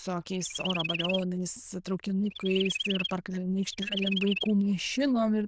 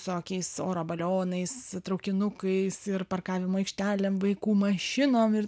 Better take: second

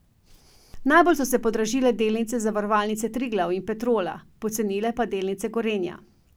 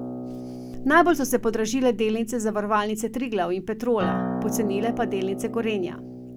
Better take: first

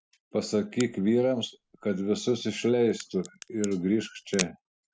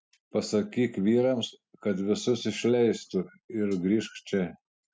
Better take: second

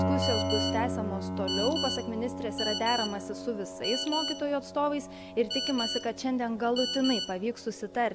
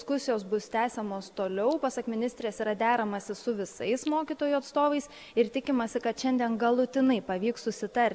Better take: second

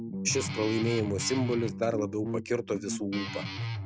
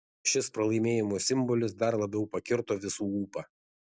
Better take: second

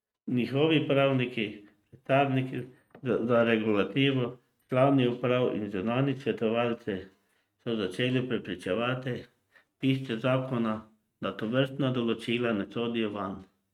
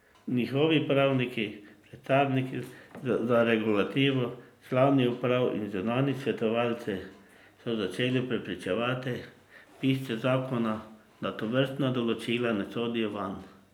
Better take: second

